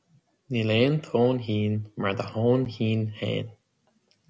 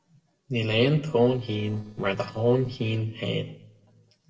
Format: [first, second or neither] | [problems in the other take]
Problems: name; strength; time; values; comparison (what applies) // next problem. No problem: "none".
first | noise reduction (neural separator model SepFormer DNS4)